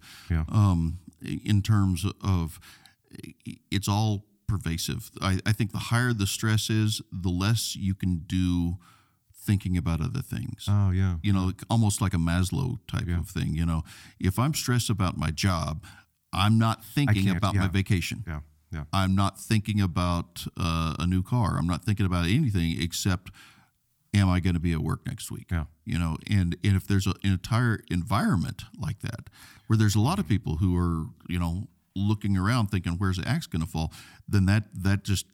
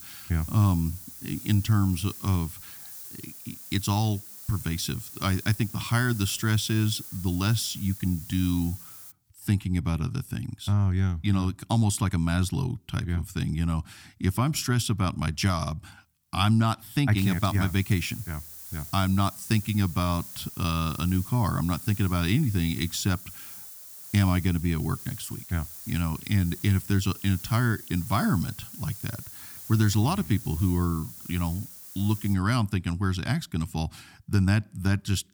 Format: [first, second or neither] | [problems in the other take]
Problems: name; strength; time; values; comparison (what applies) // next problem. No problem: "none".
first | hiss; noticeable; until 9 s and from 17 to 32 s; 15 dB below the speech